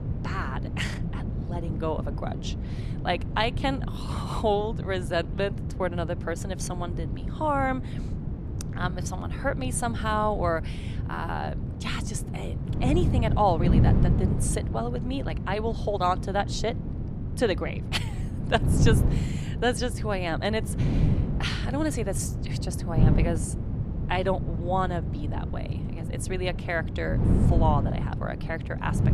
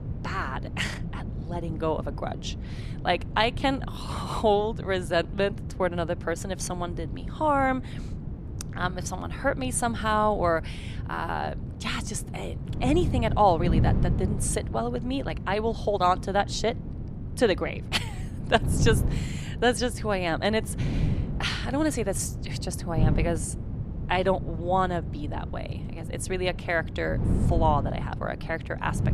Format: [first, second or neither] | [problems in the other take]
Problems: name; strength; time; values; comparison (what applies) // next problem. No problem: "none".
second | wind noise on the microphone; heavy; 10 dB below the speech; occasional gusts in the second